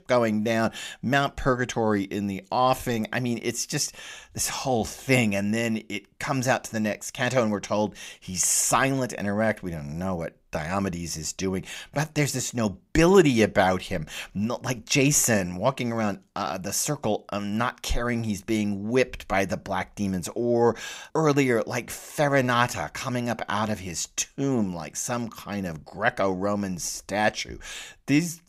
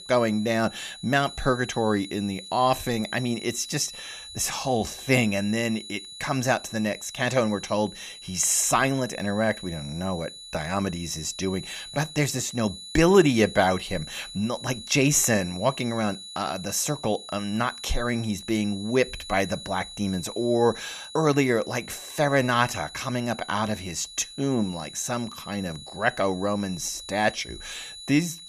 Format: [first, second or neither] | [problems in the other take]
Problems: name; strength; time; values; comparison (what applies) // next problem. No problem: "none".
first | high-pitched whine; noticeable; throughout; 4 kHz, 15 dB below the speech